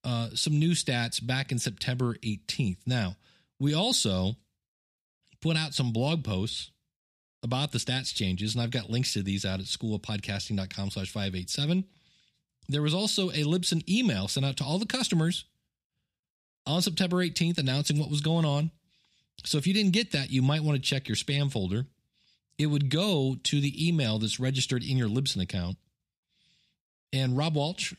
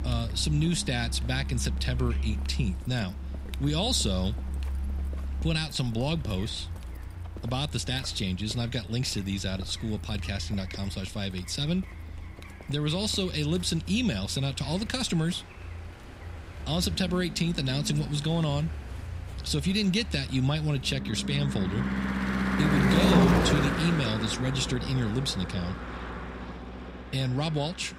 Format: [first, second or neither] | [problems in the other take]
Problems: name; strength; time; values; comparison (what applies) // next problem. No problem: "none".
first | traffic noise; loud; throughout; 4 dB below the speech